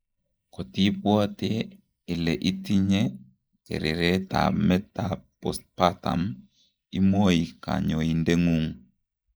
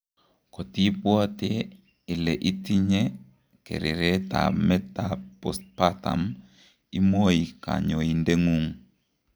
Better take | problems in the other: second | noise reduction (neural mask model Resemble Enhance denoiser)

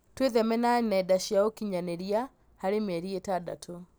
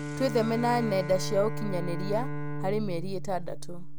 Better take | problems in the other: first | background sound (Bowed string instrument + Bicycle); 2 dB below the speech

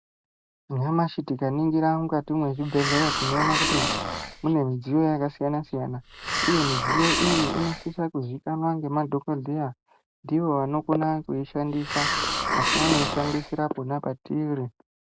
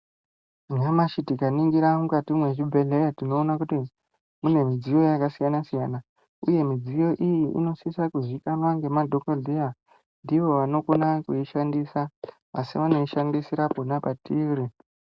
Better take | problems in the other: second | background sound (Hiss); 2 dB below the speech

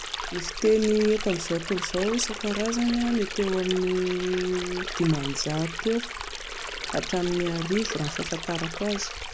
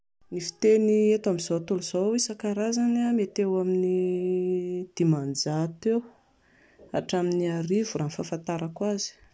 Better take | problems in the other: second | background sound (Stream); 7 dB below the speech

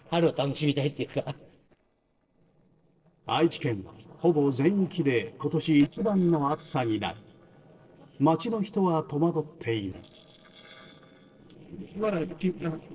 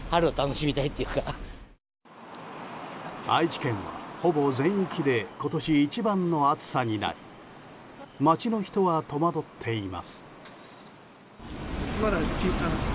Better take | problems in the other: second | noise reduction (neural separator model SepFormer DNS4)

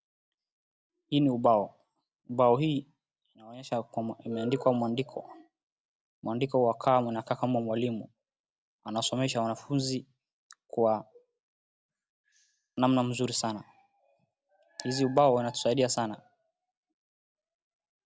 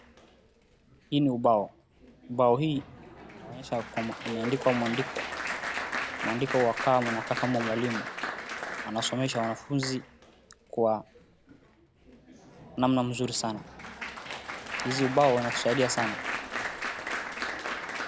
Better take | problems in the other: first | background sound (Applause); 7 dB below the speech

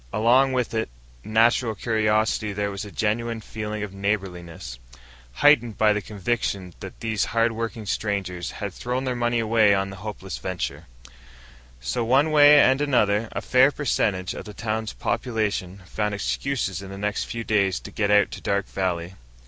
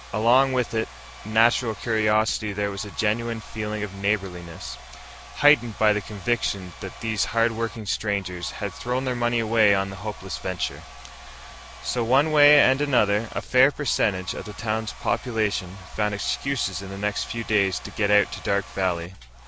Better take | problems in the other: first | background sound (Domestic sounds, home sounds); 18 dB below the speech

